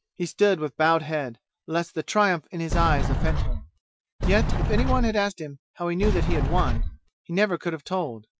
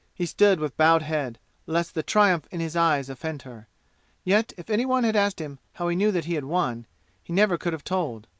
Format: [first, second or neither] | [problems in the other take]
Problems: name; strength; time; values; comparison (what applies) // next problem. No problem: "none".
second | noise reduction (classical method Wiener filter)